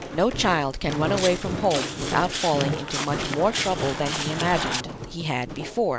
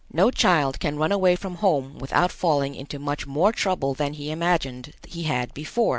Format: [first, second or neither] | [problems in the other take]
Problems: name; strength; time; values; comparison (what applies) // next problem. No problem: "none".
second | background sound (Walk, footsteps + Walk, footsteps); 5 dB below the speech